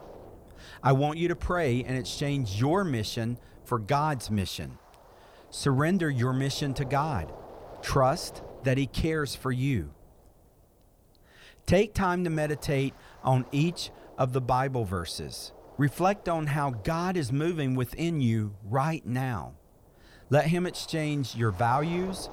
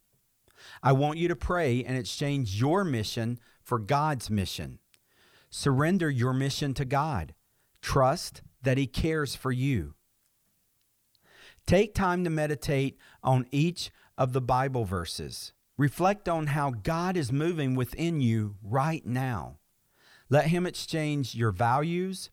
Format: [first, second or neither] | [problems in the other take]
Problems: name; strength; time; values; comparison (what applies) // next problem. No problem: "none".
second | wind noise on the microphone; occasional gusts; 20 dB below the speech